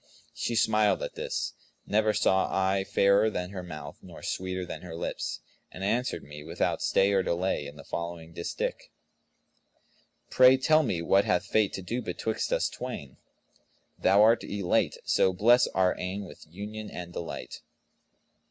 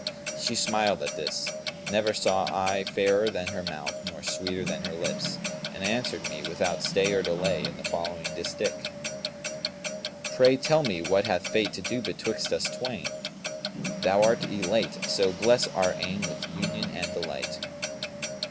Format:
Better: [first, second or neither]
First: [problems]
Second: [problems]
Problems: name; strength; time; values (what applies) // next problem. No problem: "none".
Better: first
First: none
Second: background sound (Clock); 5 dB below the speech